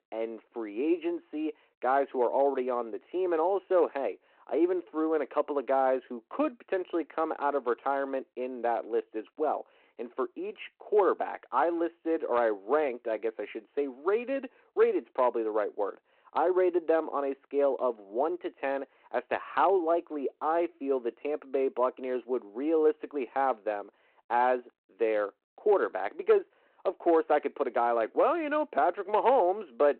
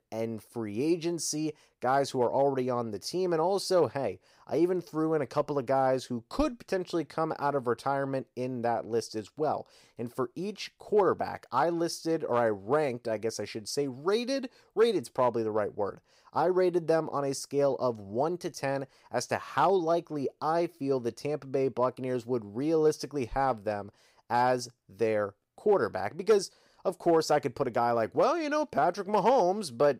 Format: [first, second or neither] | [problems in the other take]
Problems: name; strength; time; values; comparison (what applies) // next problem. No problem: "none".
second | phone-call audio; nothing above 4 kHz